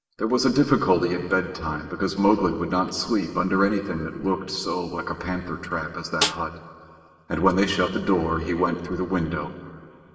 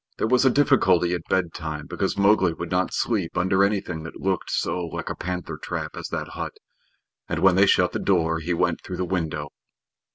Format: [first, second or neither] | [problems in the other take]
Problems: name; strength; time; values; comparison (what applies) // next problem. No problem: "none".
second | background sound (Snare drum); 6 dB below the speech // room echo; dies away in 2.7 s